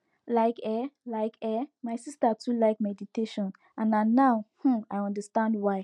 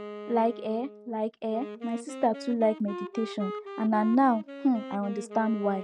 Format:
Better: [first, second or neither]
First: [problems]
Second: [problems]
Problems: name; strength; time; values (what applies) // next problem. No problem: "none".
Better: first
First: none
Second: background sound (Wind instrument, woodwind instrument); 12 dB below the speech